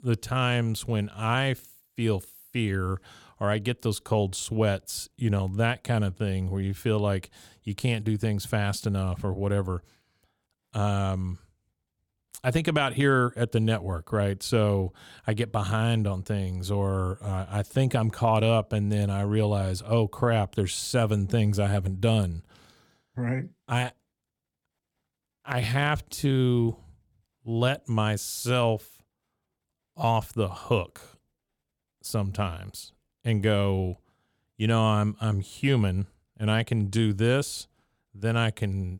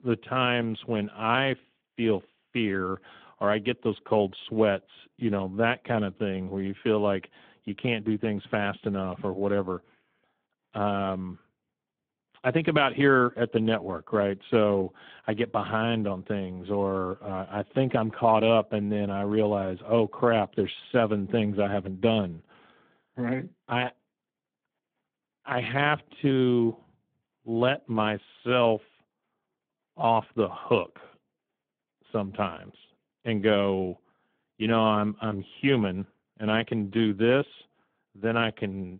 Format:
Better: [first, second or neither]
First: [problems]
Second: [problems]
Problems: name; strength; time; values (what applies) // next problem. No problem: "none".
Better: first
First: none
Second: phone-call audio